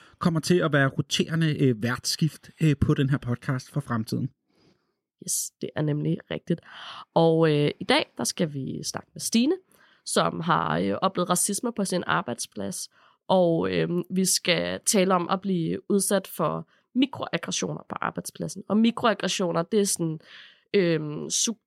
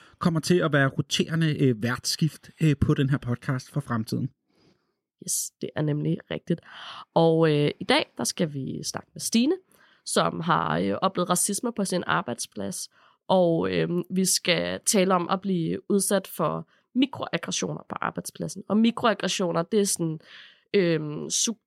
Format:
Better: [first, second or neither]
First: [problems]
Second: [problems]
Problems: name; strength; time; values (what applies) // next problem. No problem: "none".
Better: neither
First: none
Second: none